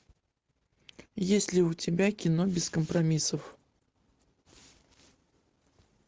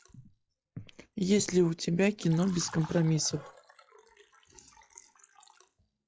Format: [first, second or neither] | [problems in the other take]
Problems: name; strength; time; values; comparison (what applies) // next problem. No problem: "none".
first | noise reduction (classical method log-MMSE)